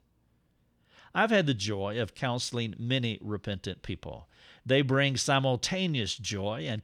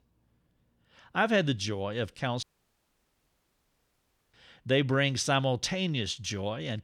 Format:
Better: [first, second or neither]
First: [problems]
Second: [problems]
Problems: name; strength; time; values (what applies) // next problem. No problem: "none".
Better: first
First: none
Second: audio cutting out; at 2.5 s for 2 s